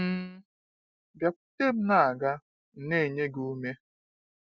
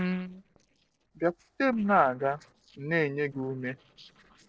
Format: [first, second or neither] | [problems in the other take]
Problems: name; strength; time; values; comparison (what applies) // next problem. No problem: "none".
first | noise reduction (neural separator model SepFormer DNS4)